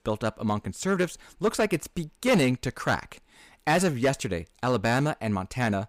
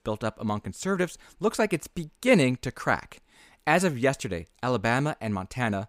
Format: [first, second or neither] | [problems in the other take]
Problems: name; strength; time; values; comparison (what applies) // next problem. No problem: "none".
second | distortion; slight; 4% of the sound clipped